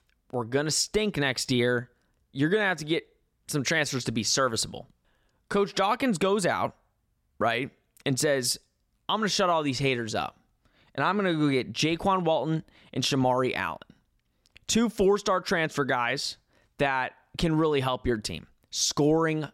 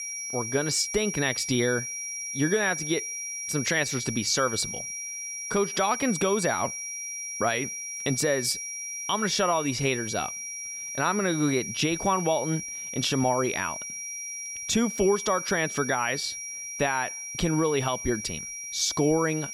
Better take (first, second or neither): first